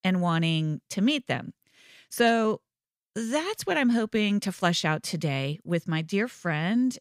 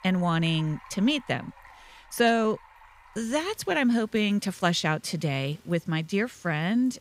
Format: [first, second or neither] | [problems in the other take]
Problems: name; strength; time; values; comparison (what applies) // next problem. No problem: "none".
first | rain or running water; faint; throughout; 25 dB below the speech